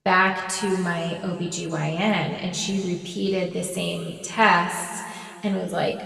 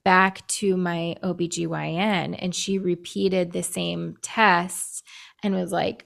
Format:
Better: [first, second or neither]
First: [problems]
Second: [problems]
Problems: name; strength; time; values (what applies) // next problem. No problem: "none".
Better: second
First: room echo; slight; dies away in 2.1 s // off-mic speech; somewhat distant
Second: none